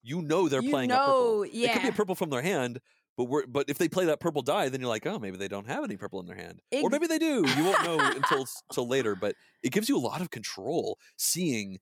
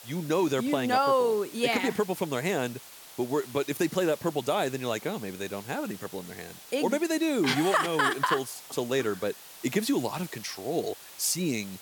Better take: first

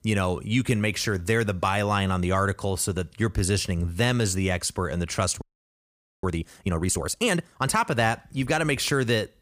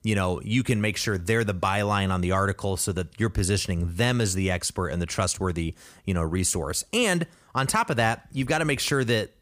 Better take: second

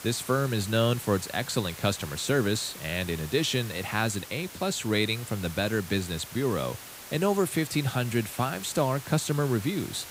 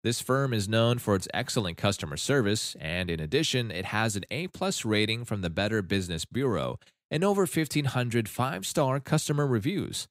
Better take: second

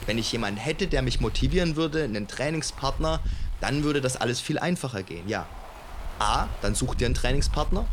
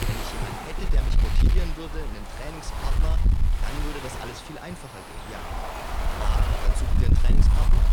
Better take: first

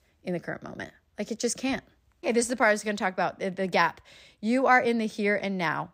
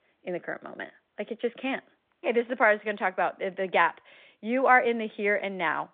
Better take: first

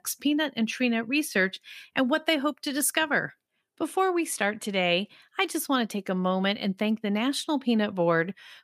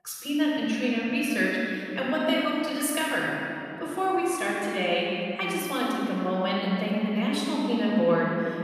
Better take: first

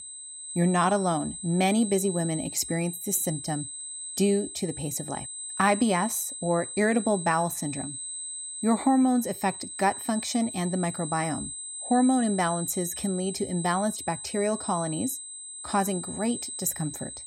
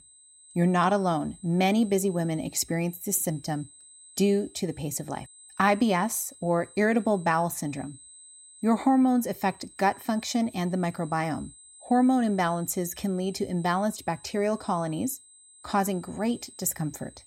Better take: second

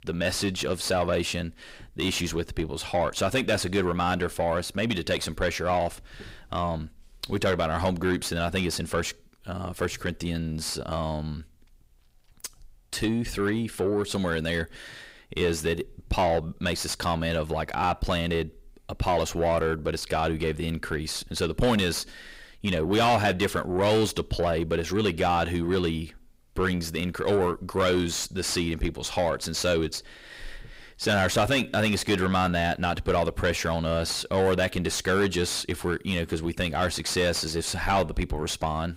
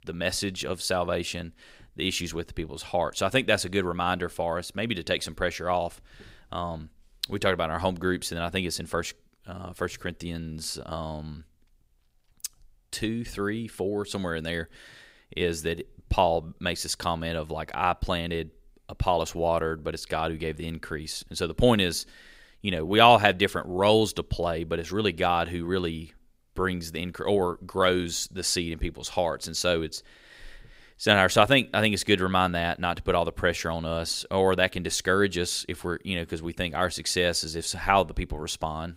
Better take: second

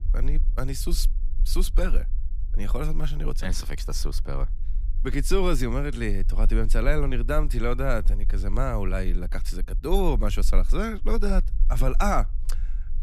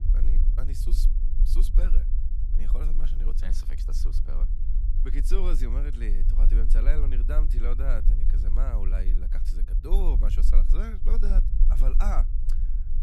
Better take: first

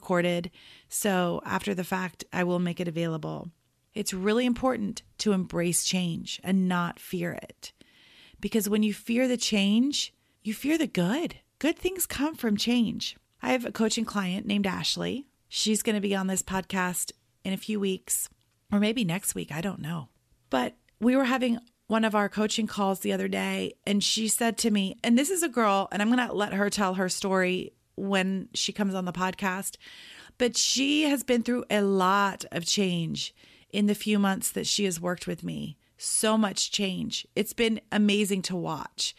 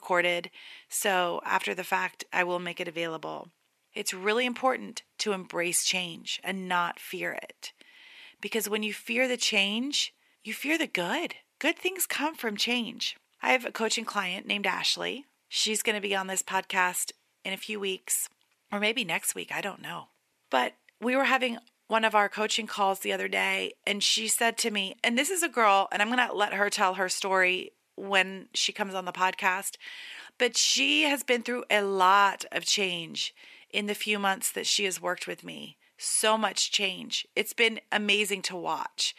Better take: first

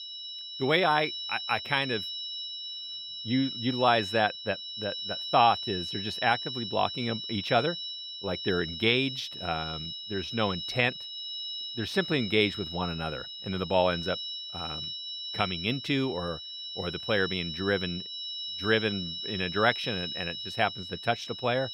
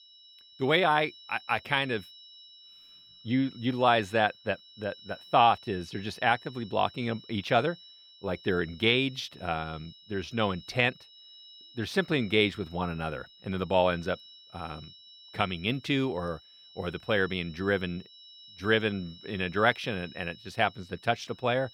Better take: second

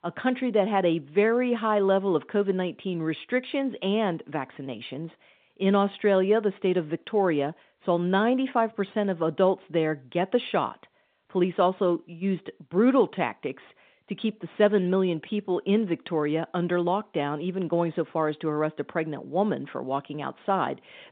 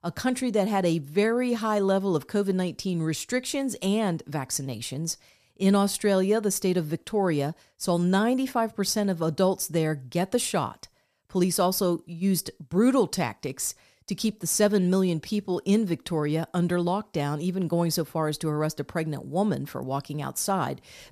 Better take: second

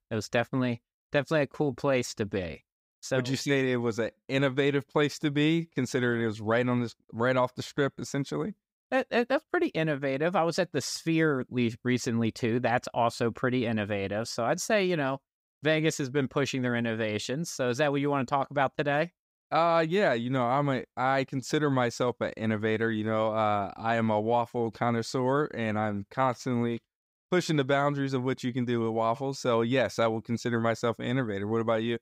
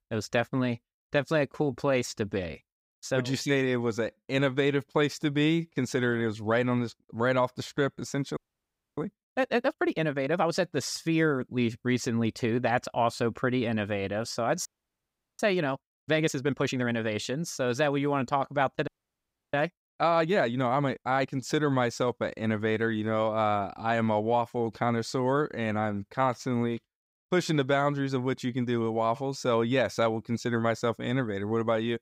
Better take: first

